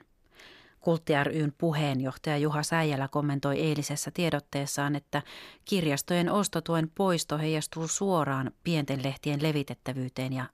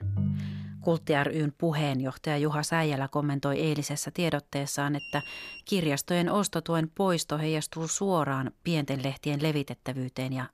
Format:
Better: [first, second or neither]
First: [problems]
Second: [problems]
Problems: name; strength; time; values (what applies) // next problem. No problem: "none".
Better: first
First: none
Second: phone ringing; noticeable; at the start; peak 1 dB below the speech // alarm; noticeable; at 5 s; peak 10 dB below the speech